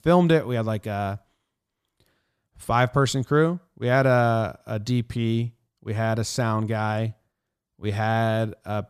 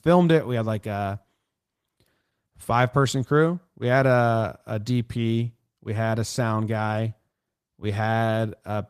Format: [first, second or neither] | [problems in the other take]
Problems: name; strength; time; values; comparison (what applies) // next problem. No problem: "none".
first | garbled, watery; slightly; nothing above 14.5 kHz